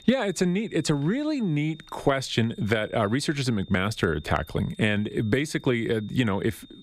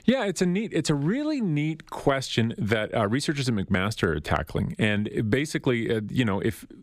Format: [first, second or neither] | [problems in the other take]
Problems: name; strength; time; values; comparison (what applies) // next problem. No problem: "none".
second | high-pitched whine; faint; throughout; 3.5 kHz, 25 dB below the speech